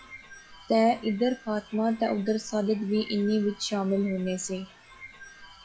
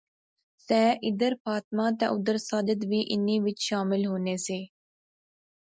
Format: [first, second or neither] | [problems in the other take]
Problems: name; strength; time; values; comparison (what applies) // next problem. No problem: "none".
second | noise reduction (classical method log-MMSE)